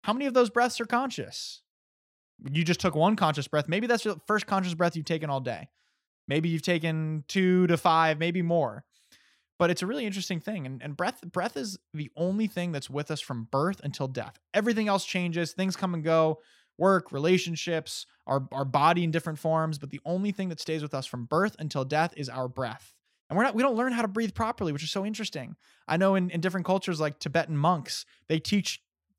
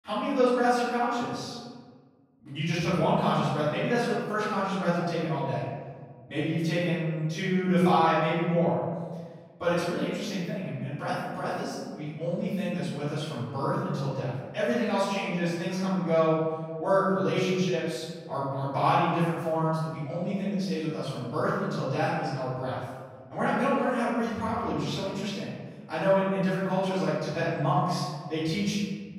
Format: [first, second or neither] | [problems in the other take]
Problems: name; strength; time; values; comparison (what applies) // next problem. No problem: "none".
first | room echo; strong; dies away in 1.5 s // off-mic speech; far